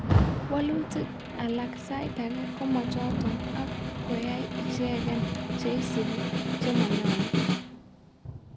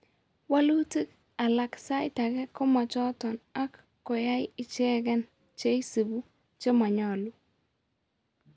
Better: second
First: background sound (Rain + Snare drum); 4 dB above the speech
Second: none

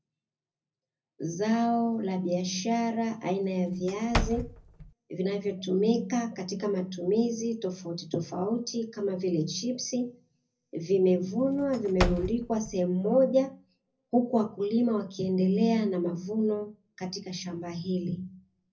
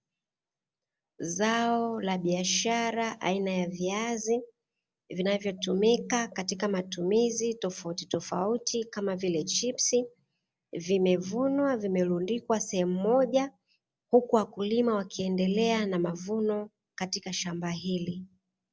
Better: second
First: background sound (Slam / Wood); 6 dB below the speech // room echo; dies away in 0.4 s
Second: none

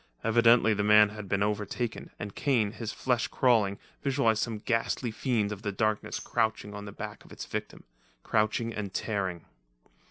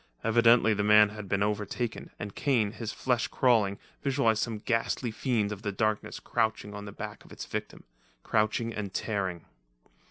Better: second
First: background sound (Tambourine); 18 dB below the speech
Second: none

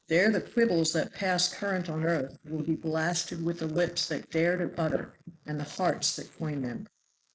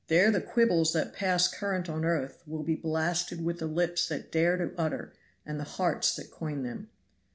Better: second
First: noise reduction (neural mask model Resemble Enhance denoiser)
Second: none

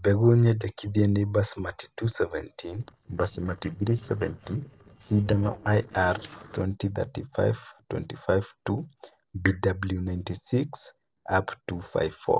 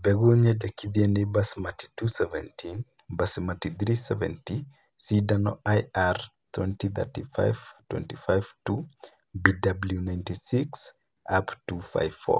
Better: second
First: noise reduction (neural separator model SepFormer DNS4)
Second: none

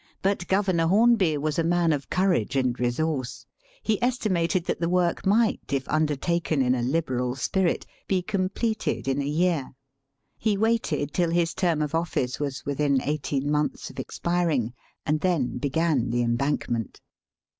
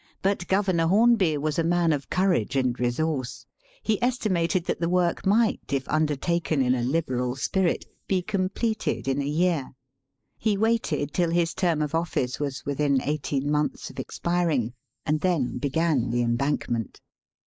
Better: first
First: none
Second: noise reduction (neural mask model Resemble Enhance denoiser)

